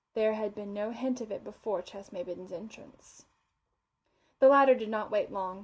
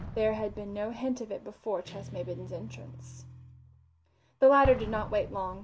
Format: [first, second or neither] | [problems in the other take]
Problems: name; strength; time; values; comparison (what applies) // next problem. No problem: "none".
first | background sound (Guitar + Explosion); 12 dB below the speech